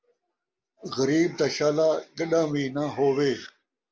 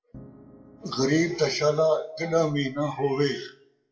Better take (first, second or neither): first